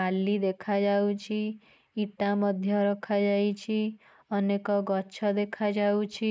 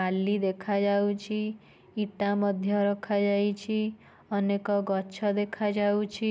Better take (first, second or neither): second